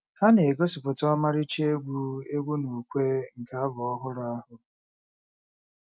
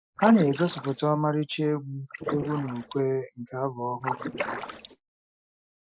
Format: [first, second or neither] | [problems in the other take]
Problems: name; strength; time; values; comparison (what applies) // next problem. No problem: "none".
first | noise reduction (neural mask model Resemble Enhance denoiser)